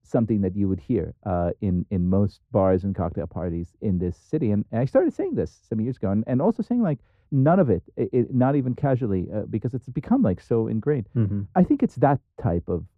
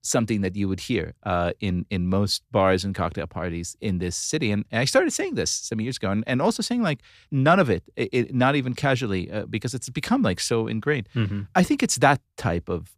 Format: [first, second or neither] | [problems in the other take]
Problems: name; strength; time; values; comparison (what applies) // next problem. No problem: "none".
second | muffled; very; fading above 1.5 kHz